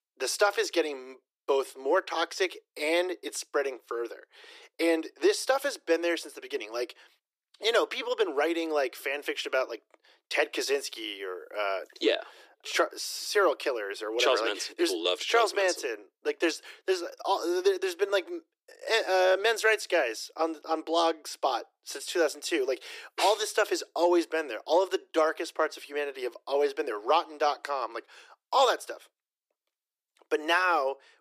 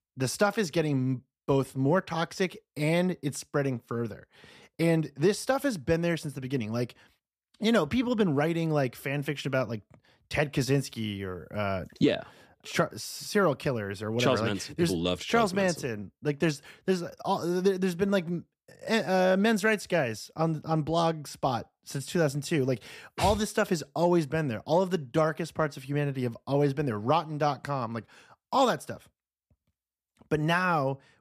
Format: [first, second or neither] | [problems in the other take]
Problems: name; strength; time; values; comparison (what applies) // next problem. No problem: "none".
second | thin; very; fading below 350 Hz